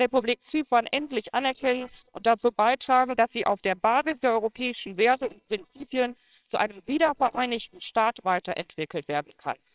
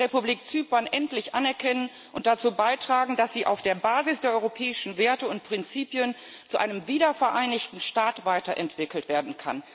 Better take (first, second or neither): second